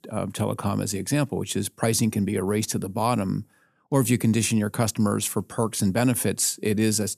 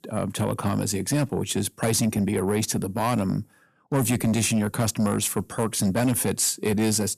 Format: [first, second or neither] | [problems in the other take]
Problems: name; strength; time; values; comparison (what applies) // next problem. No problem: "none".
first | distortion; slight; 10 dB below the speech